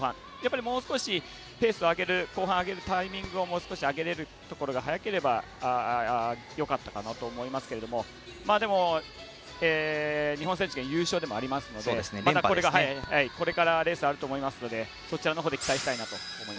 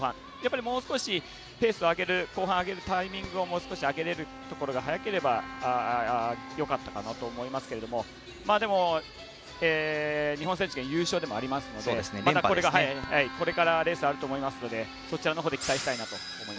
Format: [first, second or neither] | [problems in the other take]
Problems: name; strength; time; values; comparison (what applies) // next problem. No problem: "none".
first | background sound (Wind instrument, woodwind instrument); 17 dB below the speech